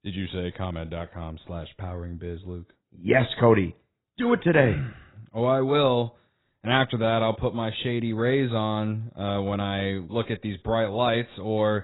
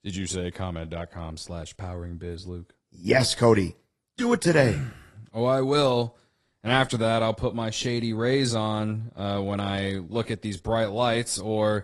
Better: second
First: garbled, watery; badly; nothing above 4 kHz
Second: garbled, watery; slightly; nothing above 11 kHz

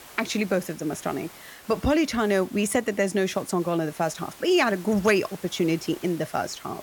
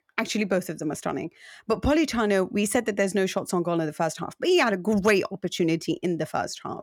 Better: second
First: hiss; noticeable; throughout; 20 dB below the speech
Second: none

